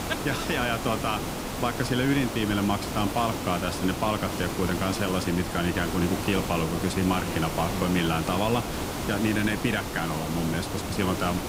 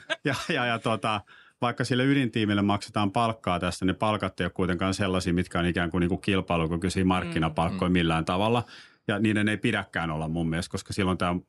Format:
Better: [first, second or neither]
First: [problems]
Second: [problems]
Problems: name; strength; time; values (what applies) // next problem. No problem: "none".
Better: second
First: hiss; loud; throughout; 4 dB below the speech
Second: none